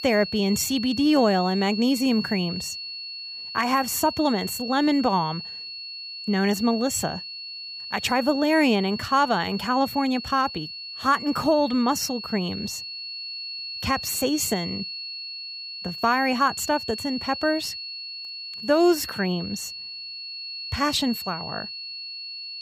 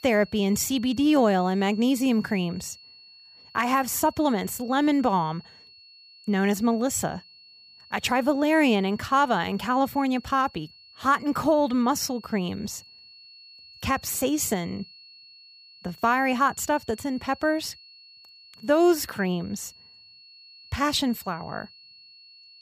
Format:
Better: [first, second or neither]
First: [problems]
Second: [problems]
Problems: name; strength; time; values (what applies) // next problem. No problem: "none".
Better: second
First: high-pitched whine; loud; throughout; 4.5 kHz, 9 dB below the speech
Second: high-pitched whine; faint; throughout; 4.5 kHz, 25 dB below the speech